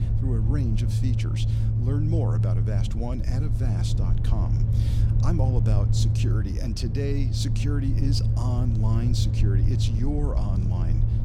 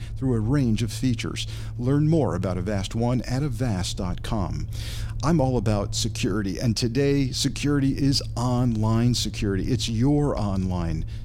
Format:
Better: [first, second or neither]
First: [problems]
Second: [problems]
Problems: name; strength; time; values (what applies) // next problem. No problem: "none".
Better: second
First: low rumble; loud; throughout; 1 dB below the speech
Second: low rumble; faint; throughout; 20 dB below the speech